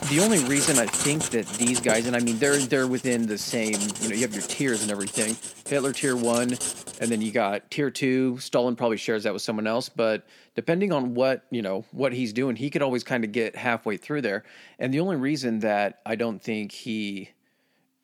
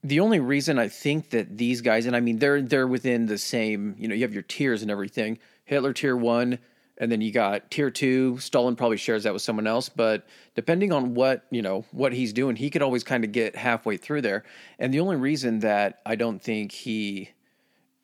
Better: second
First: household noises; loud; until 7 s; 2 dB below the speech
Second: none

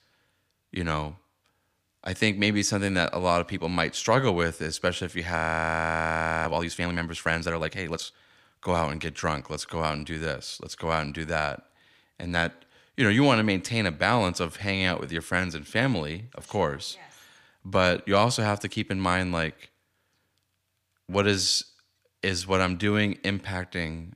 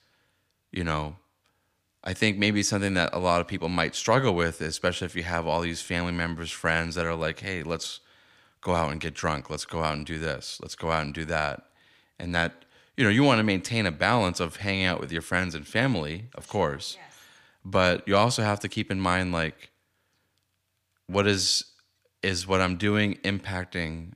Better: second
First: audio freezing; at 5.5 s for 1 s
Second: none

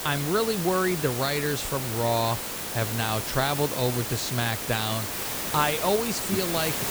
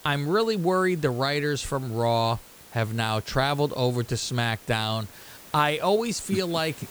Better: second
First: hiss; loud; throughout; 3 dB below the speech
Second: hiss; faint; throughout; 20 dB below the speech

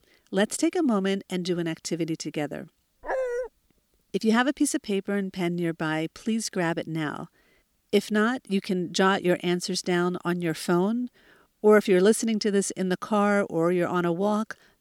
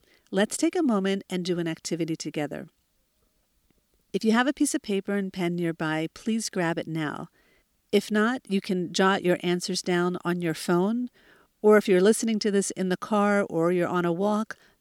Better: second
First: dog barking; noticeable; at 3 s; peak 3 dB below the speech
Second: none

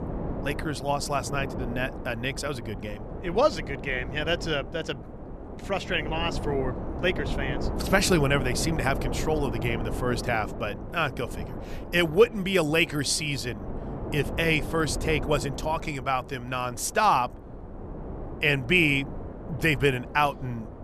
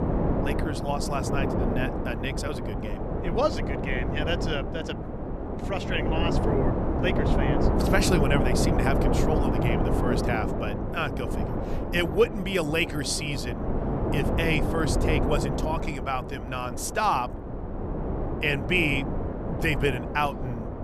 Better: first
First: wind noise on the microphone; occasional gusts; 15 dB below the speech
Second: wind noise on the microphone; heavy; 3 dB below the speech

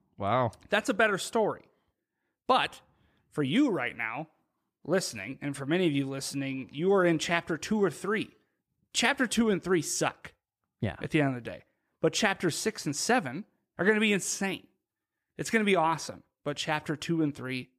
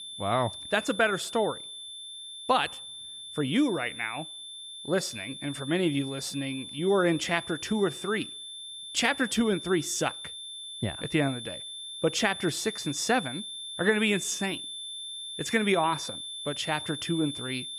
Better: first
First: none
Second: high-pitched whine; loud; throughout; 3.5 kHz, 9 dB below the speech

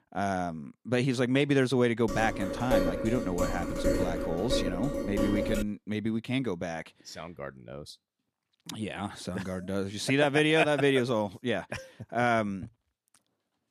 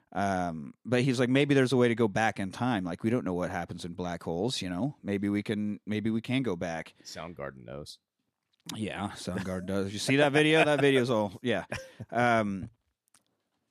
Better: second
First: clattering dishes; loud; from 2 to 5.5 s; peak 1 dB above the speech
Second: none

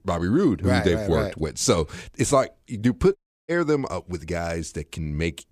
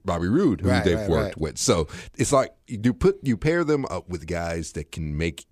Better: second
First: audio cutting out; at 3 s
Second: none

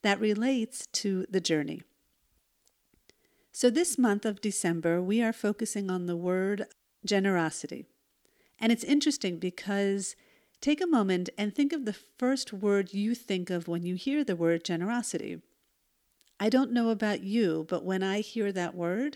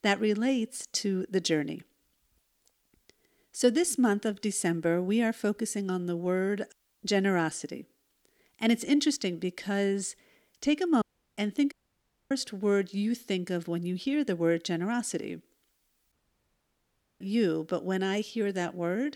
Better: first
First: none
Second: audio cutting out; at 11 s, at 12 s for 0.5 s and at 16 s for 1 s

